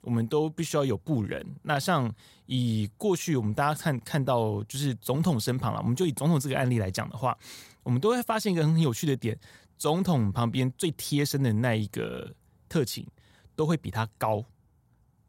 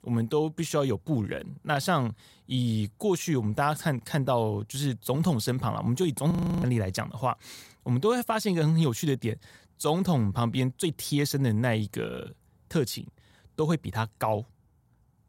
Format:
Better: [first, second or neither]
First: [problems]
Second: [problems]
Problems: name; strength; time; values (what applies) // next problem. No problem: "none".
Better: first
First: none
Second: audio freezing; at 6.5 s